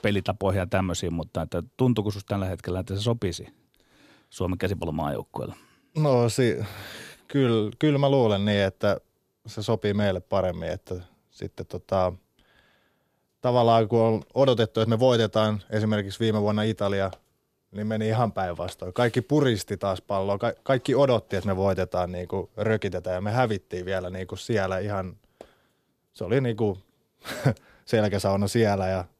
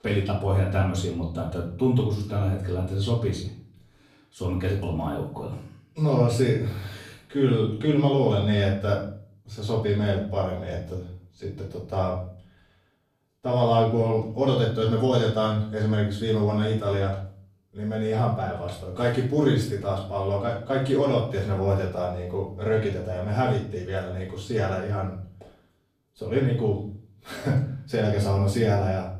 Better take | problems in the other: first | off-mic speech; far // room echo; noticeable; dies away in 0.5 s

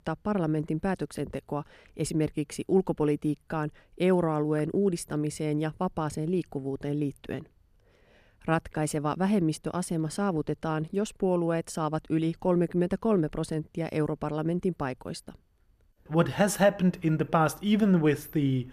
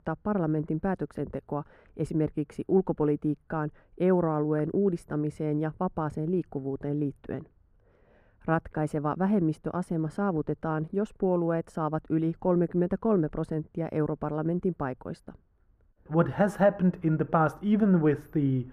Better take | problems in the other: first | muffled; very; fading above 2 kHz

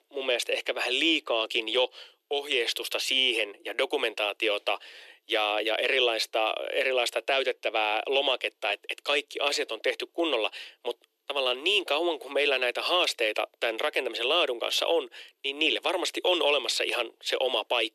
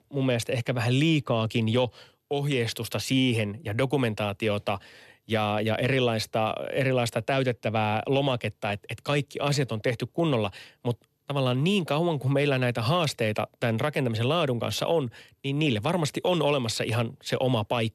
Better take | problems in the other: second | thin; very; fading below 350 Hz

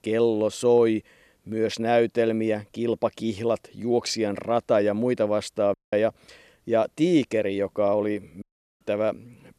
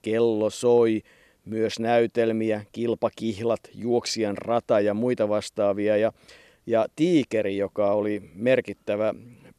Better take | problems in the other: second | audio cutting out; at 5.5 s and at 8.5 s

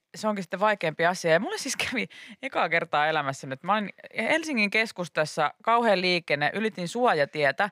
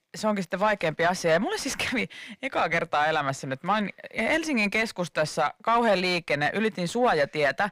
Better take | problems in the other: first | distortion; slight; 10 dB below the speech

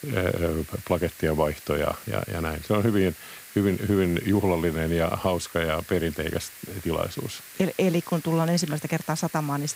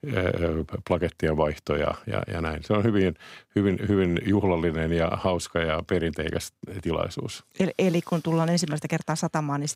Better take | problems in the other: second | hiss; noticeable; throughout; 15 dB below the speech

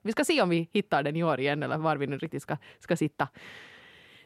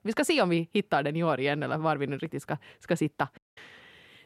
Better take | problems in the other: first | audio cutting out; at 3.5 s

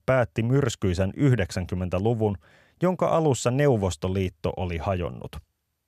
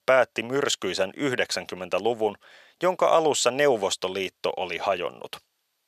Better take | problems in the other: first | thin; very; fading below 450 Hz

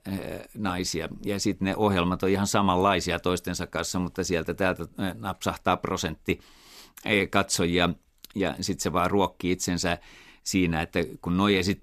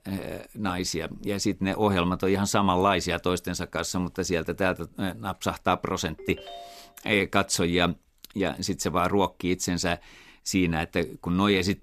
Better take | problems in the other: first | phone ringing; faint; at 6 s; peak 15 dB below the speech

